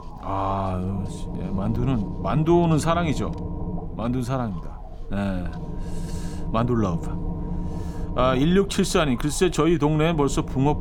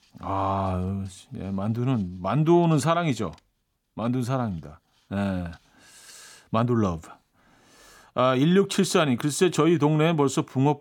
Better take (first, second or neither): second